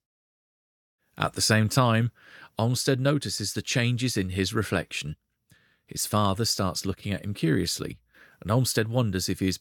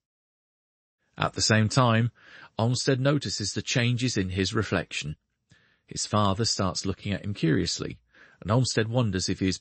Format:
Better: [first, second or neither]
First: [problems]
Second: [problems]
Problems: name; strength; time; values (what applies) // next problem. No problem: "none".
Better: first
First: none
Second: garbled, watery; slightly; nothing above 8 kHz